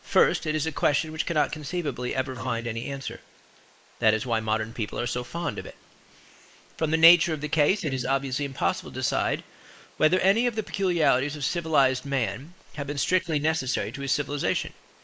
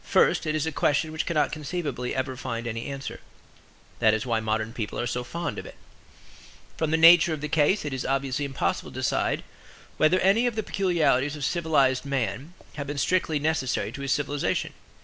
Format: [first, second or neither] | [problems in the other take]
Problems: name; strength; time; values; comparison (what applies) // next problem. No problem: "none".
second | noise reduction (neural mask model Resemble Enhance denoiser)